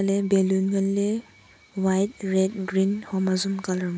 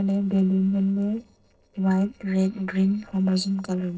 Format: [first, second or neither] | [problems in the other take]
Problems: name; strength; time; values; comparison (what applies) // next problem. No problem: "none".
first | noise reduction (neural separator model SepFormer DNS4)